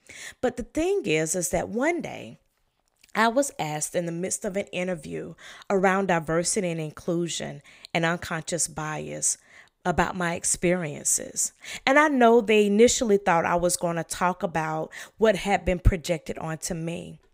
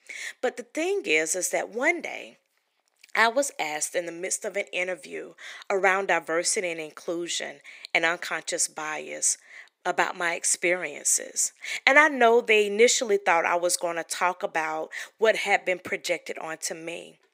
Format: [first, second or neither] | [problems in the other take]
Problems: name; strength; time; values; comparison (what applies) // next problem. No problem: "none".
first | thin; somewhat; fading below 350 Hz